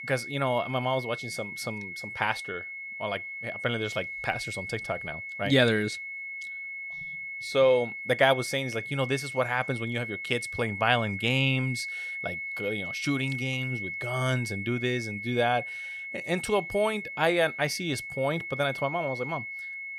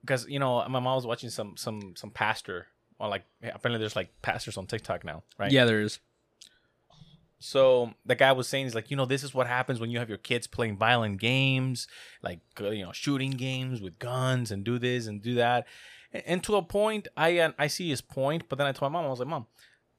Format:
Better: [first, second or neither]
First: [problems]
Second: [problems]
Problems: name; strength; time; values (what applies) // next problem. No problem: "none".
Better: second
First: high-pitched whine; loud; throughout; 2 kHz, 6 dB below the speech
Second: none